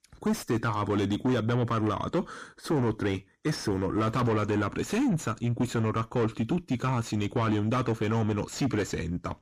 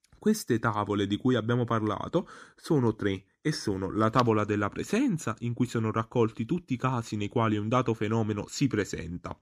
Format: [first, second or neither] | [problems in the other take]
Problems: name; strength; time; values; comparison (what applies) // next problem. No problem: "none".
second | distortion; heavy; 7 dB below the speech